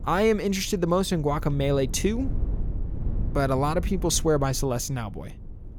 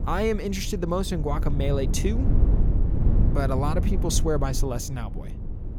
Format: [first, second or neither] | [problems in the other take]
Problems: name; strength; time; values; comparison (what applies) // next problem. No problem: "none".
first | low rumble; loud; throughout; 10 dB below the speech; faint in the first